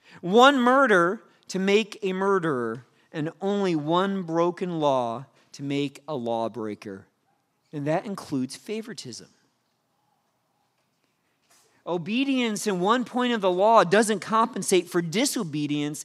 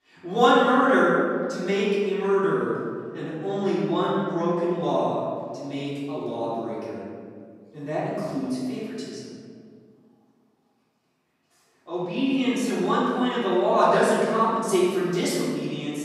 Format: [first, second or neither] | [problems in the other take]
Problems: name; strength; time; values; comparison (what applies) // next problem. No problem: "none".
first | off-mic speech; far // room echo; strong; dies away in 1.8 s